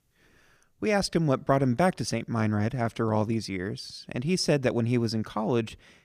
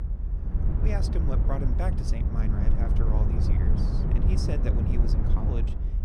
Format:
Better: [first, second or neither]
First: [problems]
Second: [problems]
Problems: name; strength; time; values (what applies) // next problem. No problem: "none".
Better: first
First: none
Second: low rumble; loud; throughout; as loud as the speech